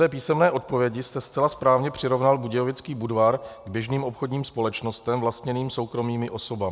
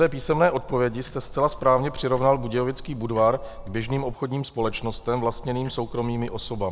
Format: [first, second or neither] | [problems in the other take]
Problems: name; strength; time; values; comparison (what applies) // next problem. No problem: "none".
first | background sound (Tick-tock); 12 dB below the speech